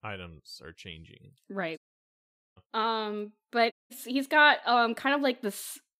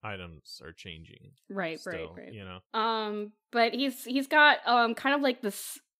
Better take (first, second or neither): second